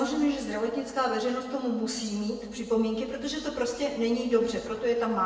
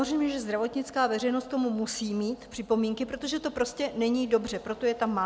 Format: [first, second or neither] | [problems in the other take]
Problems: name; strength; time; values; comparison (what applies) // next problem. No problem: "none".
second | room echo; dies away in 1 s